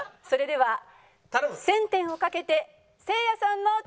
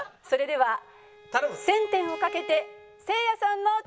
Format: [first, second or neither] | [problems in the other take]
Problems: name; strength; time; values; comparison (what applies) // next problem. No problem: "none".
first | background sound (Bowed string instrument); 16 dB below the speech